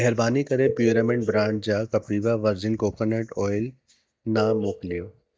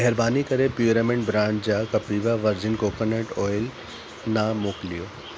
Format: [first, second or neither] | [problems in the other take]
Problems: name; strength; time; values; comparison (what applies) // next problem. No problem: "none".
second | noise reduction (neural mask model DeepFilterNet 3)